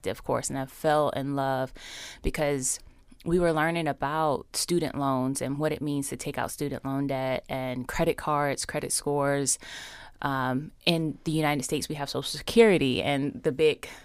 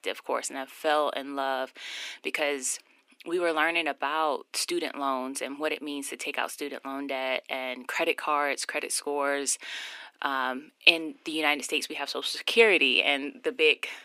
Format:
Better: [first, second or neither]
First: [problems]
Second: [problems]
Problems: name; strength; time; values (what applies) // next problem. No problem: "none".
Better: first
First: none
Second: thin; somewhat; fading below 300 Hz